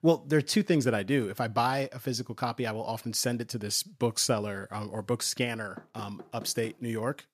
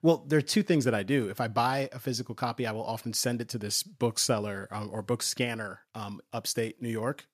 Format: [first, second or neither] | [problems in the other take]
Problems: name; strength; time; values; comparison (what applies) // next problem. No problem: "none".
second | door banging; faint; at 6 s; peak 15 dB below the speech